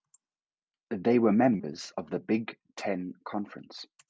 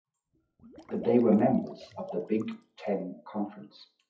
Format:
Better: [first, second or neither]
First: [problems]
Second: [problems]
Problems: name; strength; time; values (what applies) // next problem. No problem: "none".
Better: first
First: none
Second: noise reduction (classical method WPE with log-MMSE)